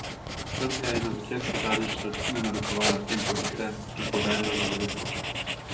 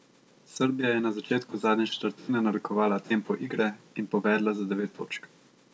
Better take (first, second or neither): second